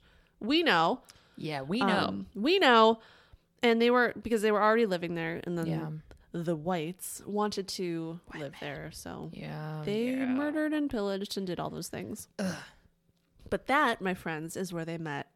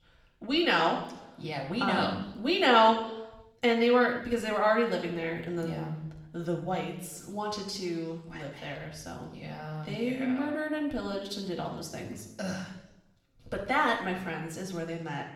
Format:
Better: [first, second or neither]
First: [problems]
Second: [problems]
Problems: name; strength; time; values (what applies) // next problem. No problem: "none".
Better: first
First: none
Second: room echo; noticeable; dies away in 0.8 s // off-mic speech; somewhat distant